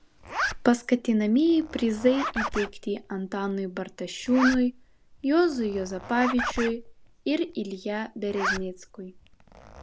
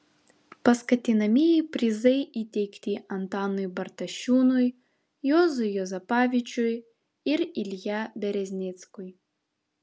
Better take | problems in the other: second | background sound (Zipper (clothing)); 9 dB below the speech

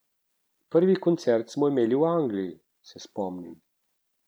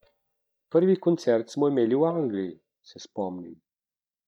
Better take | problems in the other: first | noise reduction (neural mask model DeepFilterNet 3)

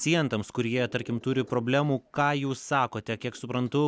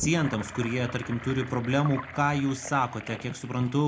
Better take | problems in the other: first | background sound (Sink (filling or washing) / Gurgling); 12 dB below the speech // room echo; dies away in 0.2 s

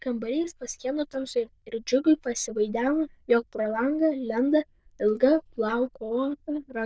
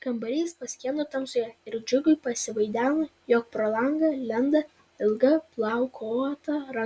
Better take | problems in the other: second | noise reduction (neural diffusion model UNIVERSE++)

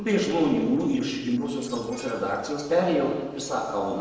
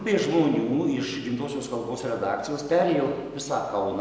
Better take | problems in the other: second | noise reduction (neural separator model SepFormer DNS4)

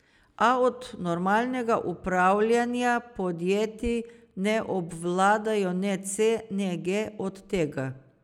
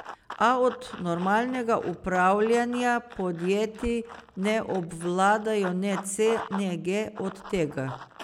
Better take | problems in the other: first | background sound (Run); 16 dB below the speech

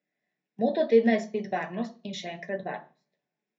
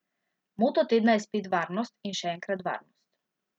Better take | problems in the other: second | room echo; dies away in 0.3 s

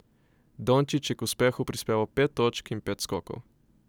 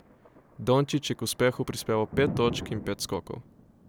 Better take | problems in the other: first | background sound (Thunder); 11 dB below the speech

